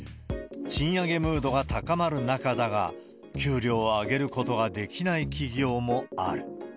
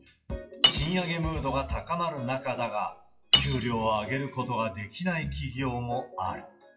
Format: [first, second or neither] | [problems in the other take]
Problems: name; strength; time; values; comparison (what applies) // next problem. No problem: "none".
first | noise reduction (classical method WPE with log-MMSE)